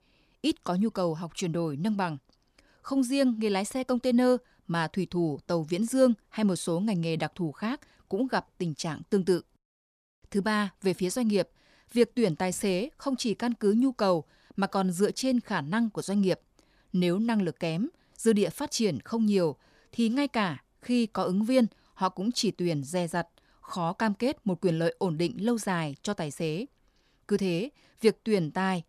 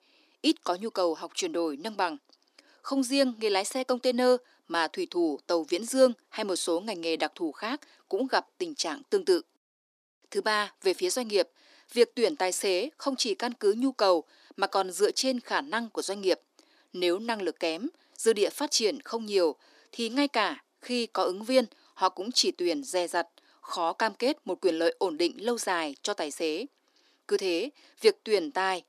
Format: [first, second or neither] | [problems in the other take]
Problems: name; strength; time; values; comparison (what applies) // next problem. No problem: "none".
first | thin; somewhat; fading below 300 Hz